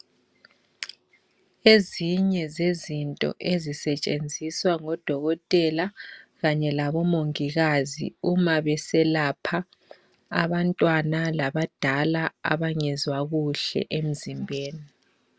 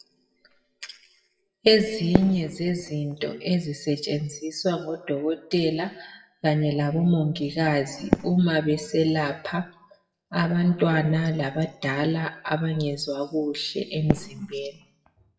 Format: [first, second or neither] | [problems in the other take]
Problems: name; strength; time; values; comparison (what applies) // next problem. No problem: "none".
first | noise reduction (classical method WPE with log-MMSE)